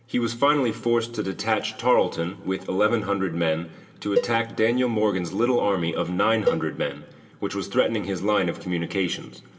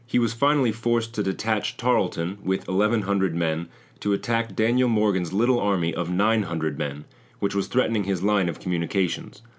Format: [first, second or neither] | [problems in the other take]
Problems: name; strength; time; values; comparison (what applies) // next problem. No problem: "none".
second | background sound (Cowbell); 7 dB below the speech // room echo; dies away in 1.6 s